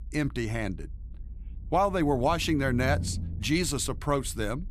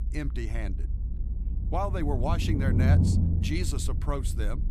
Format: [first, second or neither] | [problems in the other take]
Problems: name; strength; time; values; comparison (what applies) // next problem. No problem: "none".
first | low rumble; loud; throughout; 5 dB below the speech; faint in the first